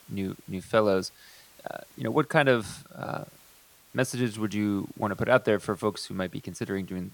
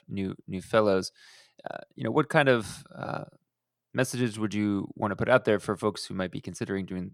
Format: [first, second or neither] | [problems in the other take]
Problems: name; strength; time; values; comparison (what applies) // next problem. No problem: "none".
second | hiss; faint; throughout; 25 dB below the speech